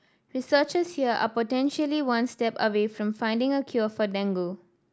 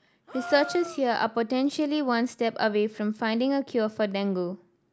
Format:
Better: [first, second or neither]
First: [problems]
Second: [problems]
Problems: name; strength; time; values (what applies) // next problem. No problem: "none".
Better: first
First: none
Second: background sound (Gasp); 15 dB below the speech